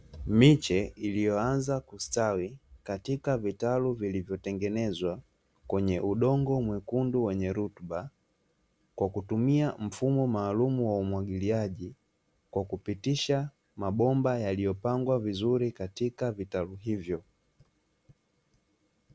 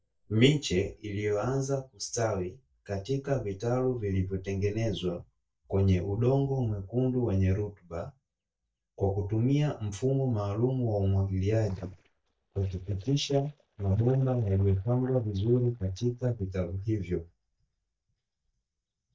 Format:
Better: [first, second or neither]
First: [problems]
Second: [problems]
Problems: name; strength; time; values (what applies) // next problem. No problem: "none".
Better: first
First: none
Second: noise reduction (neural mask model DeepFilterNet 3)